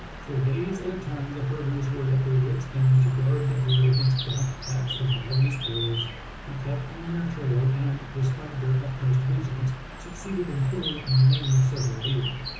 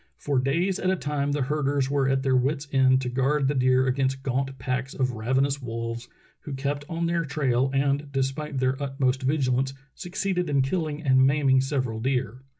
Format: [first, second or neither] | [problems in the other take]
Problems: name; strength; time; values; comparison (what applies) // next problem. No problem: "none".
second | background sound (Bird); 12 dB below the speech // room echo; dies away in 0.7 s